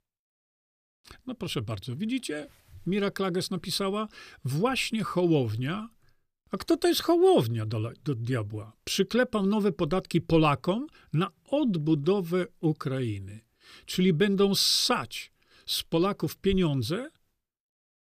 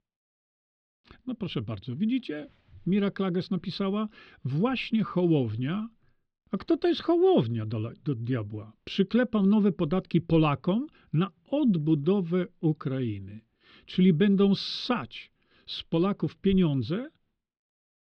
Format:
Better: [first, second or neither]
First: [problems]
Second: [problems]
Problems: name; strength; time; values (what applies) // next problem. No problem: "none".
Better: first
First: none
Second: muffled; slightly; fading above 3.5 kHz